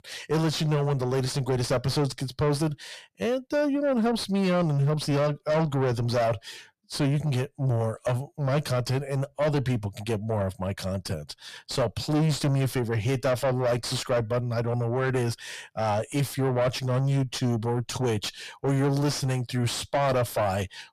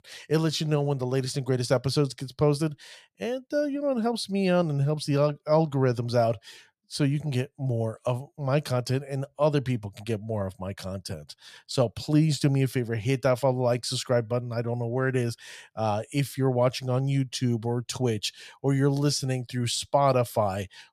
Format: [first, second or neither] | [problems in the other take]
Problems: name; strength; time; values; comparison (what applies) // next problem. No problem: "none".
second | distortion; heavy; 6 dB below the speech